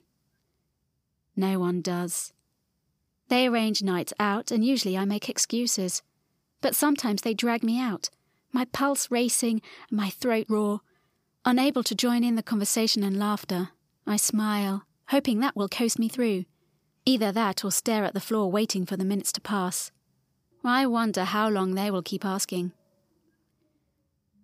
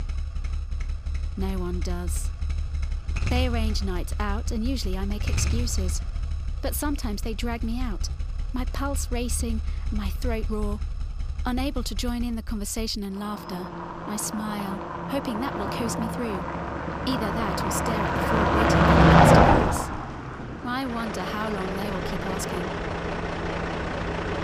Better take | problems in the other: first | traffic noise; very loud; throughout; 5 dB above the speech

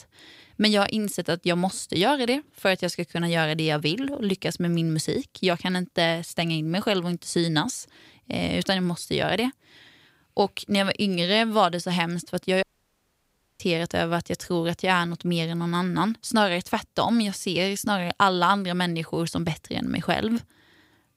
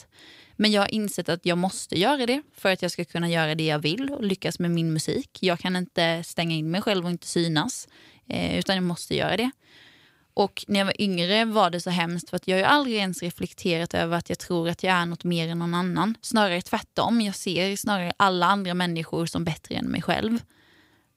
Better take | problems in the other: second | audio cutting out; at 13 s for 1 s

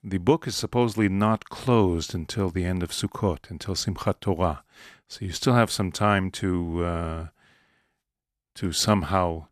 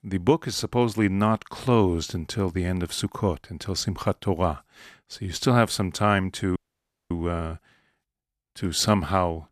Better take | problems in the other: first | audio freezing; at 6.5 s for 0.5 s

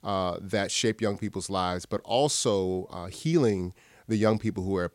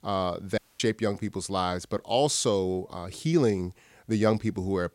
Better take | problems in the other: first | audio cutting out; at 0.5 s

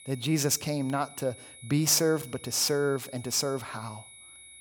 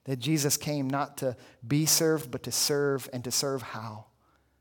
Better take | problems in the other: second | high-pitched whine; noticeable; throughout; 10.5 kHz, 20 dB below the speech

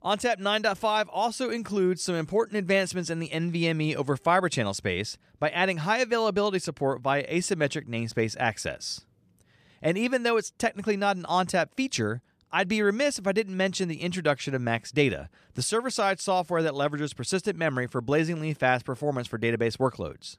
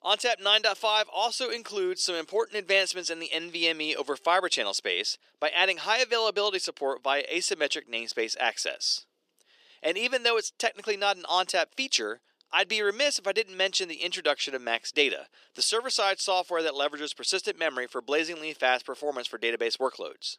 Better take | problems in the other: first | thin; very; fading below 350 Hz

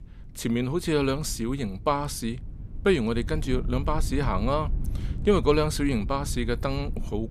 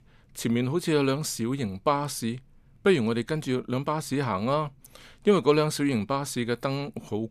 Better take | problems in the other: second | low rumble; faint; throughout; 20 dB below the speech

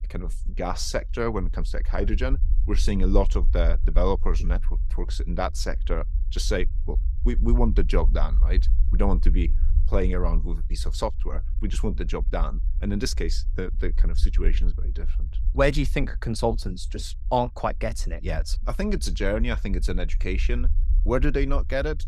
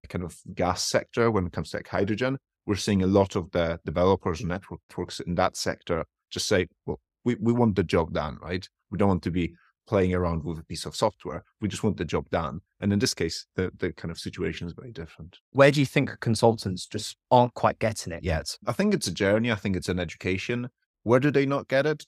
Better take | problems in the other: second | low rumble; faint; throughout; 20 dB below the speech

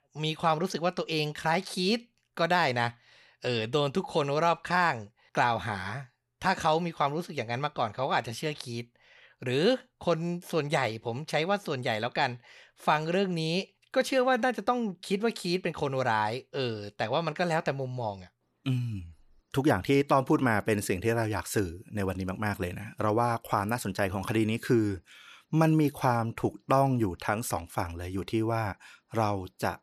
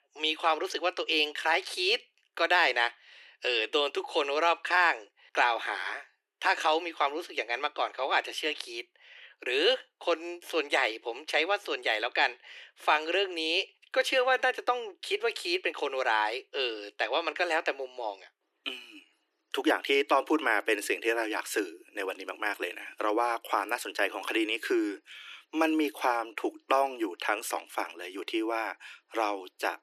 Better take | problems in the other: first | thin; very; fading below 300 Hz

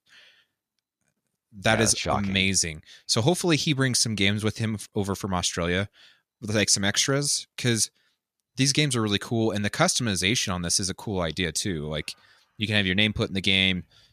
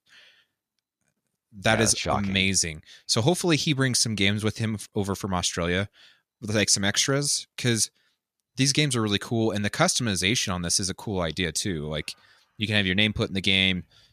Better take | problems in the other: neither | none

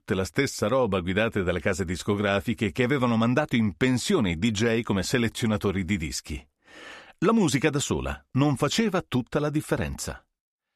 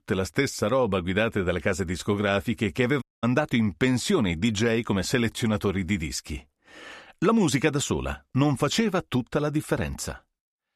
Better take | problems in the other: first | audio cutting out; at 3 s

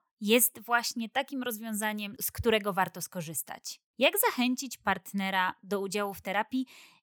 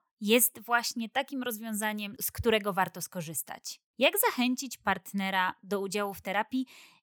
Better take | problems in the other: neither | none

